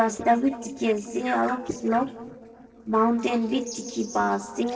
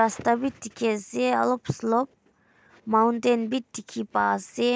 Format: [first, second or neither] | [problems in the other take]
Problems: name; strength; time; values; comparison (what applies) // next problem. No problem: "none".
second | noise reduction (neural separator model SepFormer DNS4)